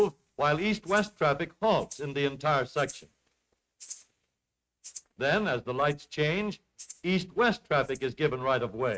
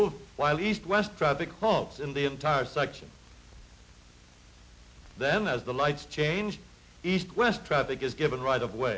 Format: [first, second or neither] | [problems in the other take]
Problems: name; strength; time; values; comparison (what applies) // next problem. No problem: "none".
second | noise reduction (neural mask model RNNoise)